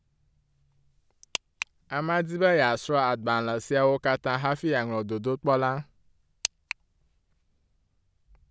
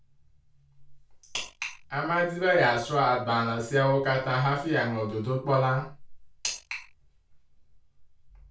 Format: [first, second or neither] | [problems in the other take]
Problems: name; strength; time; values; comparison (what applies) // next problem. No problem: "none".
first | room echo; dies away in 0.3 s